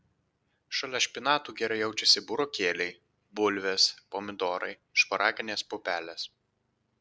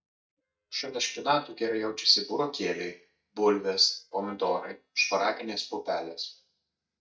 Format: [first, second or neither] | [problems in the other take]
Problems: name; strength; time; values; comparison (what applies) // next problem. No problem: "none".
first | noise reduction (neural mask model DeepFilterNet 3)